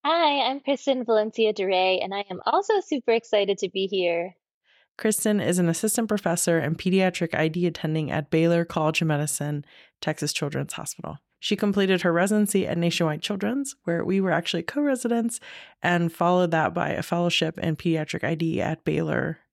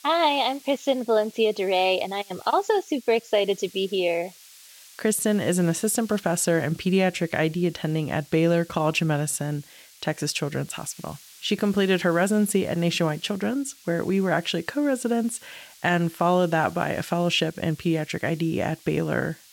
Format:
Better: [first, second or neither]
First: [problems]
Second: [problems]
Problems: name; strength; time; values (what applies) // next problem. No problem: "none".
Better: first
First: none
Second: hiss; faint; throughout; 25 dB below the speech